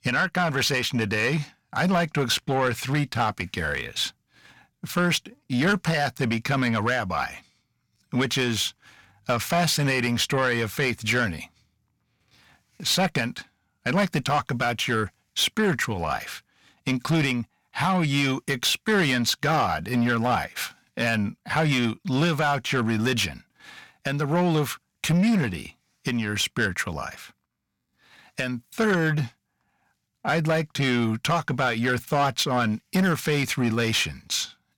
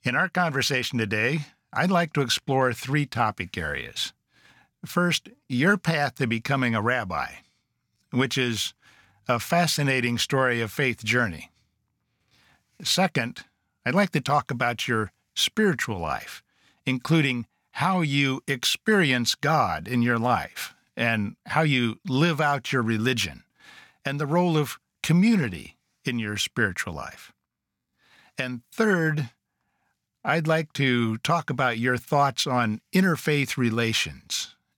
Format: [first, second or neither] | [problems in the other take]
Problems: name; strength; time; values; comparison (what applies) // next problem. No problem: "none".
second | distortion; slight; 10 dB below the speech